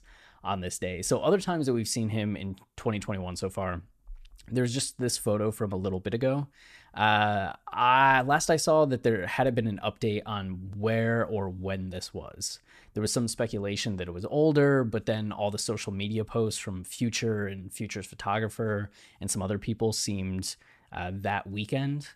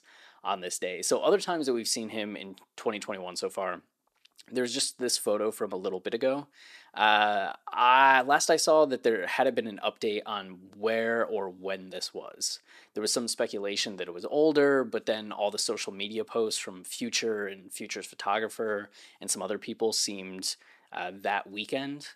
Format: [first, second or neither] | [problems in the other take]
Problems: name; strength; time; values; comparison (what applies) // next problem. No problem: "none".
first | thin; somewhat; fading below 300 Hz